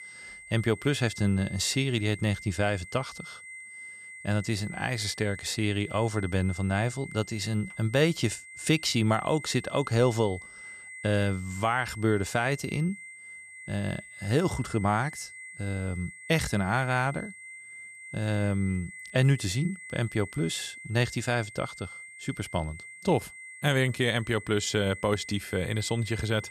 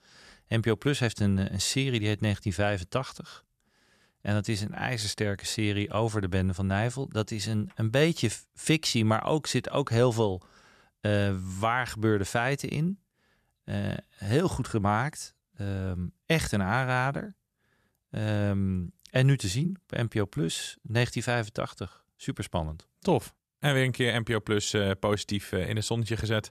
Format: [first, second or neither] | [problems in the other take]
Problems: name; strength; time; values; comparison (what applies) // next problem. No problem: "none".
second | high-pitched whine; noticeable; throughout; 2 kHz, 15 dB below the speech